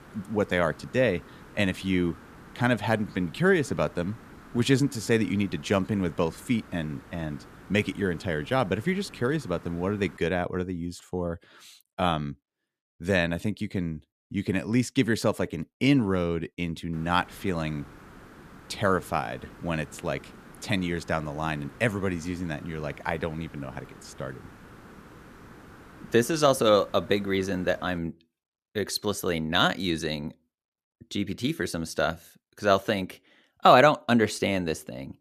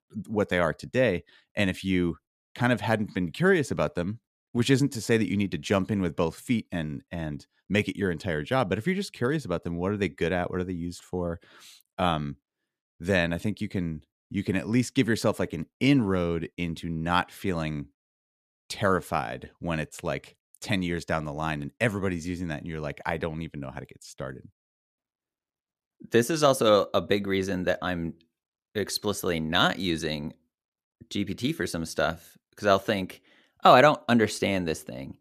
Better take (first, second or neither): second